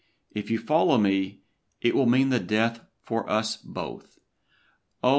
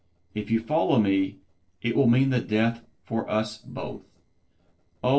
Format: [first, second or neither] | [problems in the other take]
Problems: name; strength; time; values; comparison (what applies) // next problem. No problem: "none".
first | noise reduction (neural separator model SepFormer DNS4)